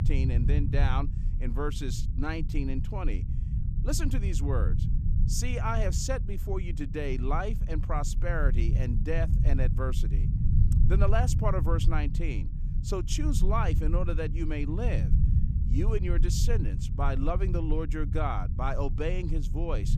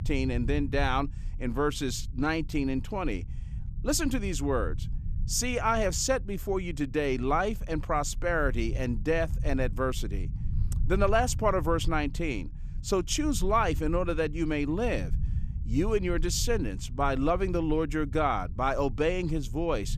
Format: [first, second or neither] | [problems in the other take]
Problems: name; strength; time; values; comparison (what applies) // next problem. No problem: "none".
second | low rumble; loud; throughout; 9 dB below the speech; faint in the second